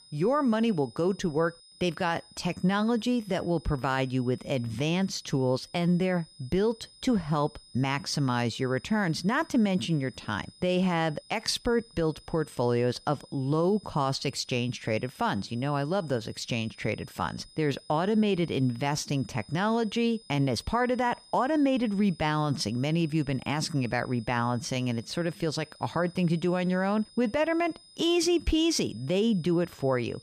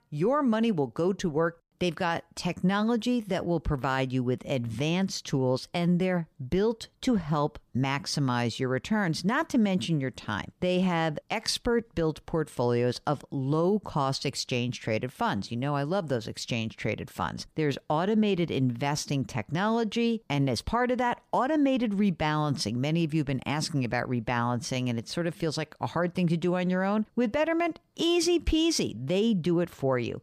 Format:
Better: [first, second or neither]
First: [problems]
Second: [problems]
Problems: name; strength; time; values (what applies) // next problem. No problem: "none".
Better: second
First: high-pitched whine; faint; throughout; 5 kHz, 25 dB below the speech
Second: none